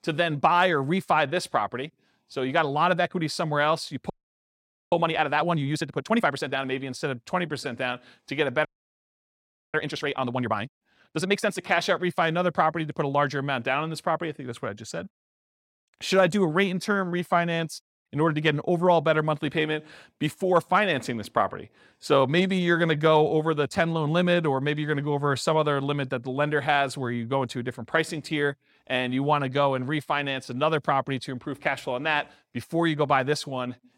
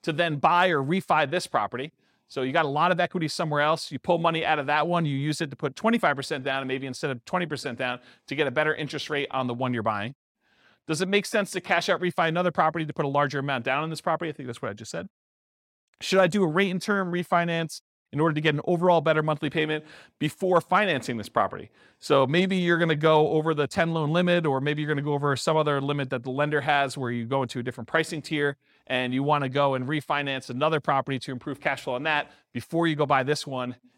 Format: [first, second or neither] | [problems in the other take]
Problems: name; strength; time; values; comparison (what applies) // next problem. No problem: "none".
second | audio freezing; at 4 s for 1 s and at 8.5 s for 1 s